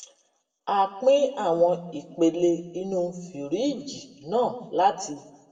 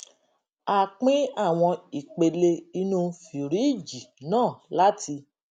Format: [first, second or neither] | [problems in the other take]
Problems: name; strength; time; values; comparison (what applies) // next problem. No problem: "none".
second | room echo; dies away in 0.9 s